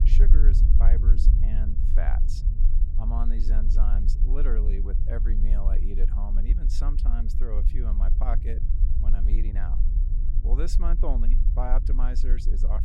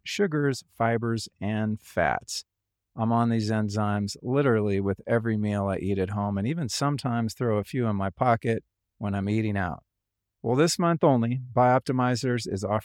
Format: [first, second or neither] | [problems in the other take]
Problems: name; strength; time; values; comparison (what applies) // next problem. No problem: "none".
second | low rumble; loud; throughout; 6 dB below the speech